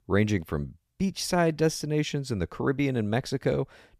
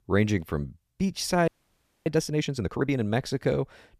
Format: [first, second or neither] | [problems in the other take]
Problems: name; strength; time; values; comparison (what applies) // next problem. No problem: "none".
first | audio freezing; at 1.5 s for 0.5 s